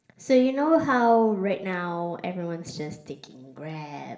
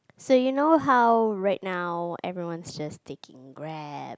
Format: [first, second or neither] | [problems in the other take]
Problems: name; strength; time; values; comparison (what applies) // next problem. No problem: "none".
second | room echo; dies away in 0.6 s